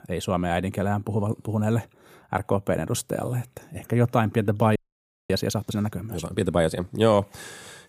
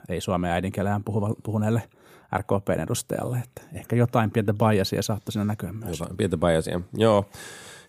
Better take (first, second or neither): second